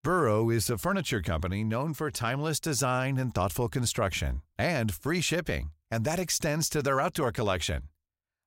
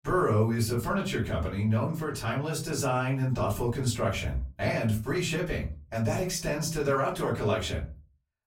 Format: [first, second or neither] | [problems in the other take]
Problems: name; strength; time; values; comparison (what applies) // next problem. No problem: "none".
first | off-mic speech; far // room echo; slight; dies away in 0.3 s